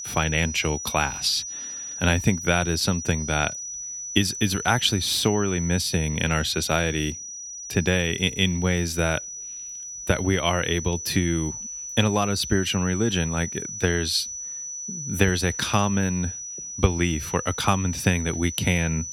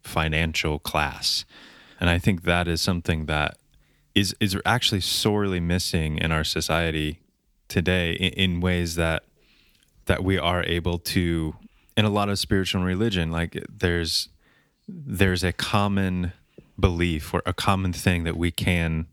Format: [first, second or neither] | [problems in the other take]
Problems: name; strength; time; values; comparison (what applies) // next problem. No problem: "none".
second | high-pitched whine; loud; throughout; 6 kHz, 8 dB below the speech